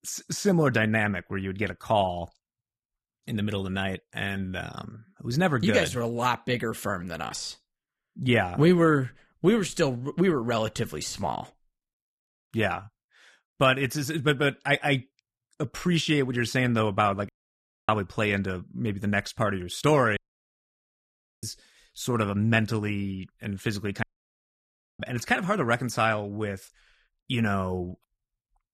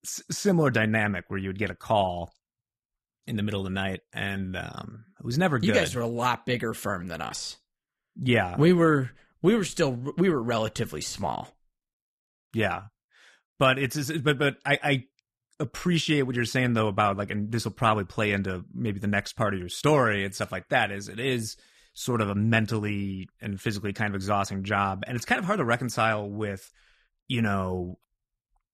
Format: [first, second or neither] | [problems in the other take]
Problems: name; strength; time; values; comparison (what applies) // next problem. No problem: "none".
second | audio cutting out; at 17 s for 0.5 s, at 20 s for 1.5 s and at 24 s for 1 s